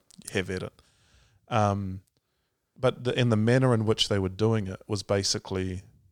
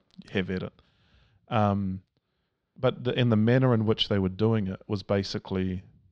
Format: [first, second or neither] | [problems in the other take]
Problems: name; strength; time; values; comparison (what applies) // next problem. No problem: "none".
first | muffled; slightly; fading above 4 kHz